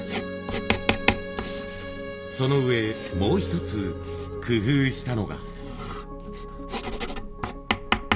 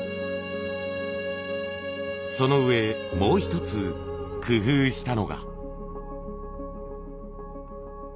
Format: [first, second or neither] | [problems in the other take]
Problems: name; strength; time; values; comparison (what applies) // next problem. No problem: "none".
second | background sound (Writing); 4 dB below the speech // room echo; dies away in 2.4 s